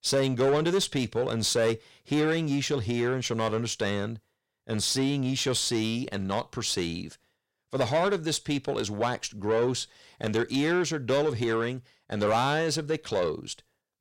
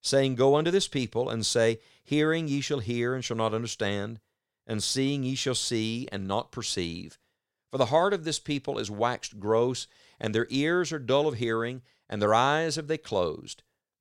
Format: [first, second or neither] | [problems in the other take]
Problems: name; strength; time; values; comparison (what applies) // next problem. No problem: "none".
second | distortion; slight; 10 dB below the speech